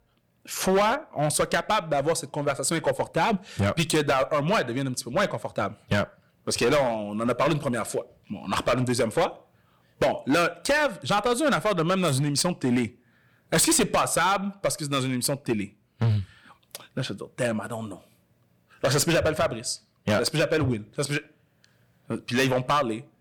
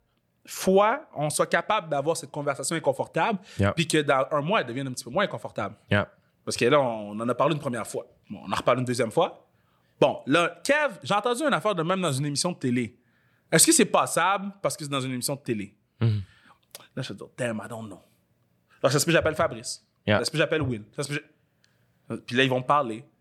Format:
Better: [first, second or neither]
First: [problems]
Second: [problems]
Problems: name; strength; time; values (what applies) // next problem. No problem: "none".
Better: second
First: distortion; heavy; 8% of the sound clipped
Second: none